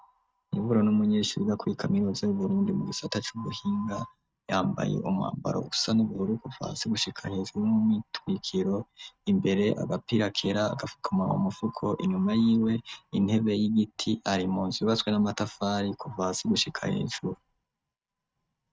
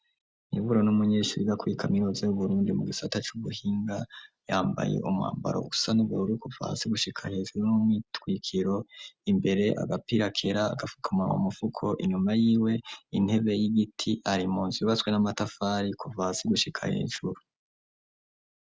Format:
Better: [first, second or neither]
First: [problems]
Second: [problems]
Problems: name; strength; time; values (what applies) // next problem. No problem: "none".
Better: second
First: noise reduction (neural mask model RNNoise)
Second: none